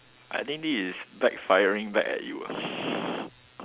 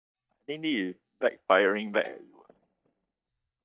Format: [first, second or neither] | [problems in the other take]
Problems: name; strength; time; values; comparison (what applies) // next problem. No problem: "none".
first | noise reduction (neural mask model DeepFilterNet 3)